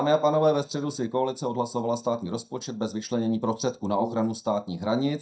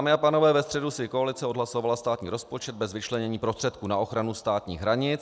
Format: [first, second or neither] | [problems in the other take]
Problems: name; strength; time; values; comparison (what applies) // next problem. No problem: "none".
second | noise reduction (neural mask model DeepFilterNet 3)